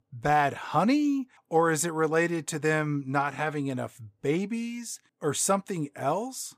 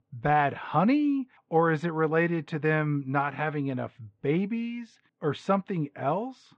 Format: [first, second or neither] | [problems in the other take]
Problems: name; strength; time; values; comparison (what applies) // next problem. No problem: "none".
first | muffled; very; fading above 3.5 kHz